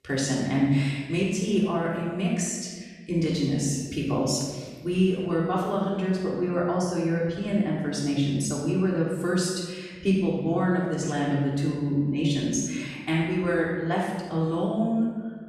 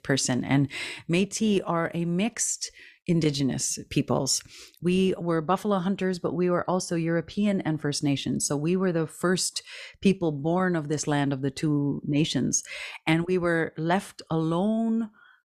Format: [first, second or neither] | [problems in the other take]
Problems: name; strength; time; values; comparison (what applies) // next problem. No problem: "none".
second | room echo; strong; dies away in 1.3 s // off-mic speech; far